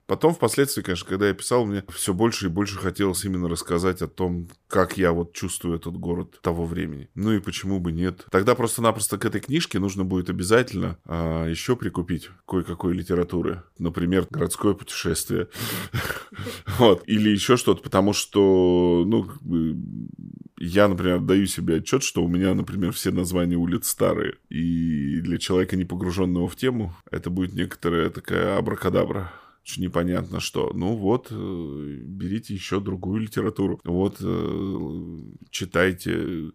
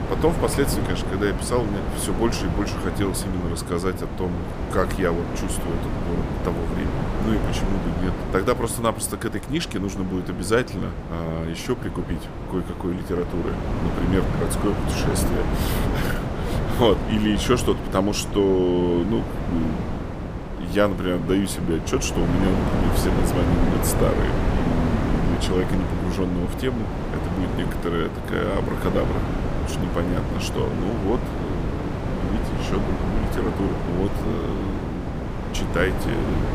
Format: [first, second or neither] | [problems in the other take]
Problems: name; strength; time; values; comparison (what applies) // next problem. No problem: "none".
first | wind noise on the microphone; heavy; 3 dB below the speech